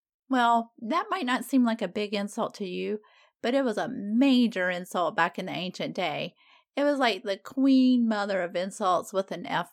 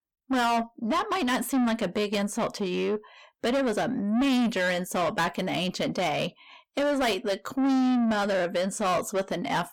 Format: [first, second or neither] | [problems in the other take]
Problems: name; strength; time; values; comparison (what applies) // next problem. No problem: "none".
first | distortion; heavy; 7 dB below the speech